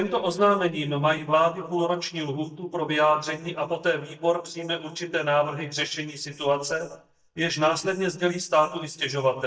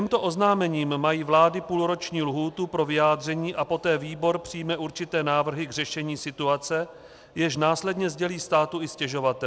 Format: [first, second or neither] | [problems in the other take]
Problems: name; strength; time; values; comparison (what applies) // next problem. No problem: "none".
second | noise reduction (neural mask model DeepFilterNet 3)